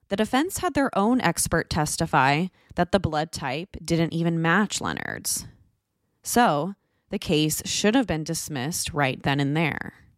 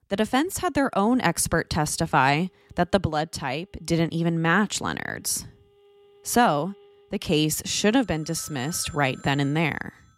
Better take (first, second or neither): first